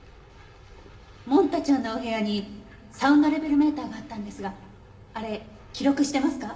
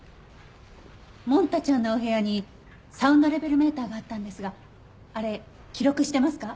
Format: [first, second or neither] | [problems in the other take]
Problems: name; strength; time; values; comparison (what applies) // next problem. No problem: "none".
second | room echo; dies away in 2.6 s